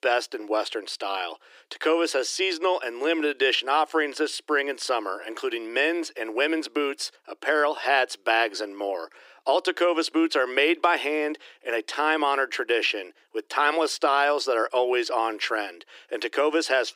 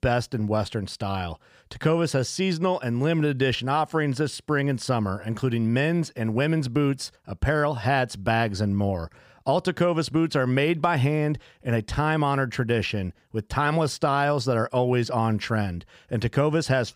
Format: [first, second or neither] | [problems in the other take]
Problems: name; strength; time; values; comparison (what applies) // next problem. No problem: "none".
second | thin; very; fading below 300 Hz